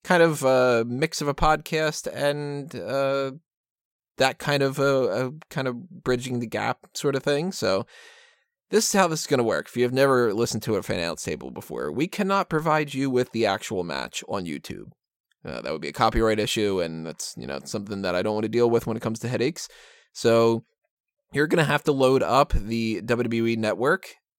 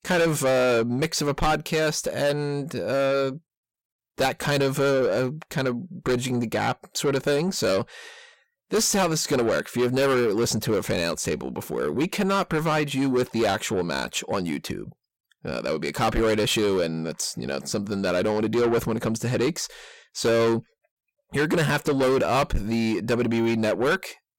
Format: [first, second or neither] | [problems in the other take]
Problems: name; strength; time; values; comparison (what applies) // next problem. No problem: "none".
first | distortion; heavy; 8 dB below the speech